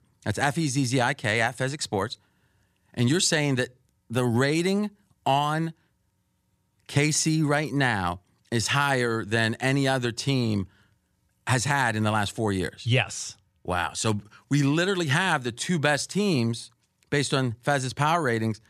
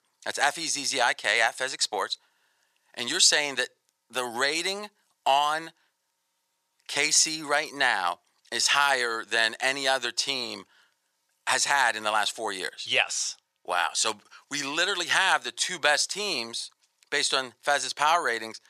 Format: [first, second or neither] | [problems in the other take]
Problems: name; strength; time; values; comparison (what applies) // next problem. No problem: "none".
first | thin; very; fading below 700 Hz